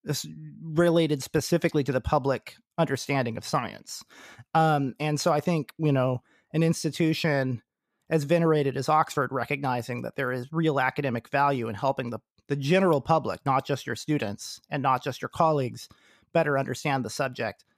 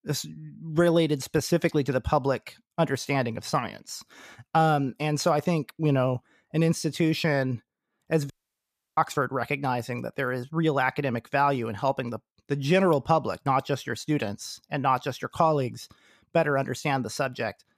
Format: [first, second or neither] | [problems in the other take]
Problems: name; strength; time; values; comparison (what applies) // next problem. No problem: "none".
first | audio cutting out; at 8.5 s for 0.5 s